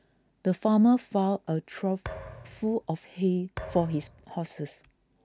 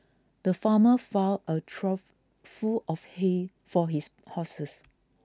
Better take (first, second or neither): second